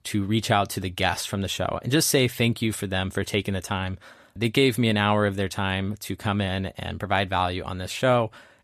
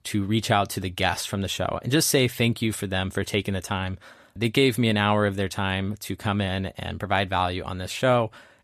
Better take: neither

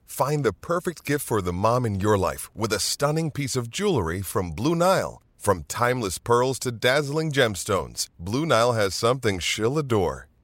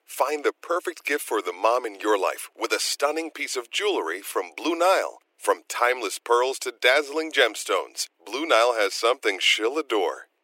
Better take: first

